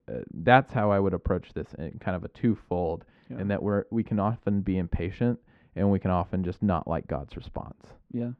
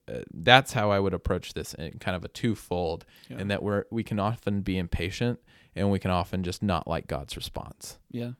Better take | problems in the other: second | muffled; very; fading above 1.5 kHz

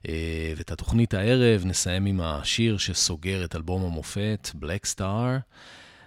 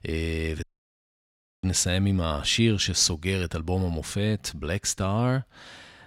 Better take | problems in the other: first | audio cutting out; at 0.5 s for 1 s

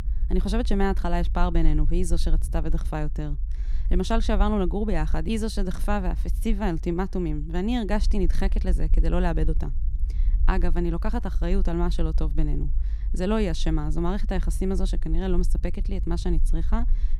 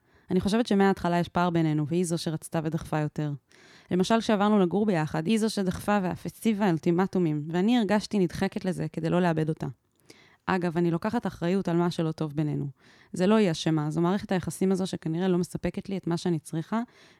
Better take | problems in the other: second | low rumble; faint; throughout; 20 dB below the speech

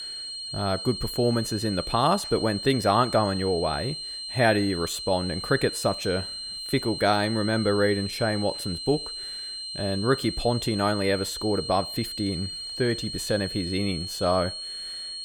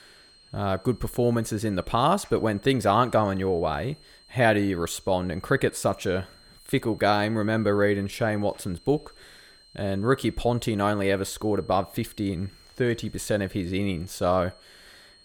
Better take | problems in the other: second | high-pitched whine; loud; throughout; 4 kHz, 6 dB below the speech; faint in the second

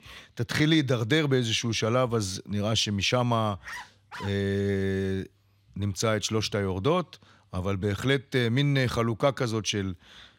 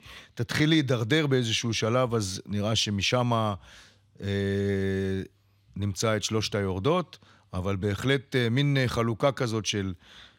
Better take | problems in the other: second | dog barking; faint; at 3.5 s; peak 15 dB below the speech

